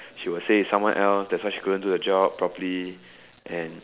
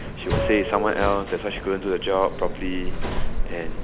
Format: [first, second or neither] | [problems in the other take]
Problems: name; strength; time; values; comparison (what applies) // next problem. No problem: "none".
first | background sound (Subway, metro, underground); as loud as the speech